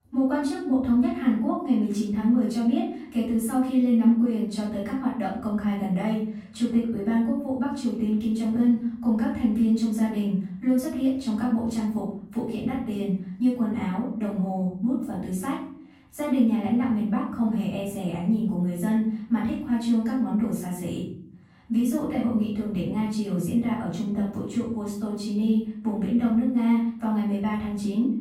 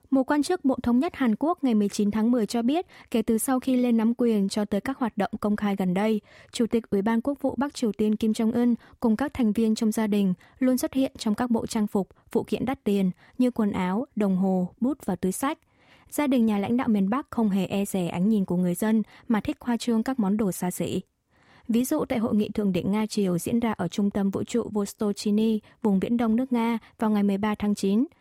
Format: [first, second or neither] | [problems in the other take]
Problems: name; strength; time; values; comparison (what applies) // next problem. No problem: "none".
second | off-mic speech; far // room echo; noticeable; dies away in 0.7 s